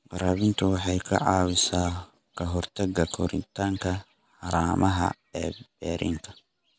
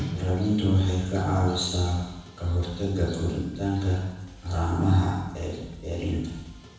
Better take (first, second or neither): first